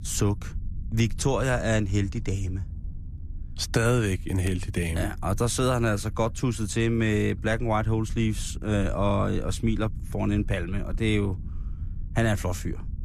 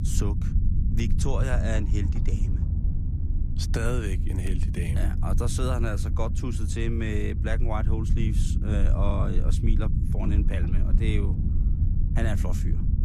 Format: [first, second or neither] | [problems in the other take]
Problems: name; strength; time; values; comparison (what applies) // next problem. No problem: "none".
first | low rumble; loud; throughout; 7 dB below the speech; faint in the first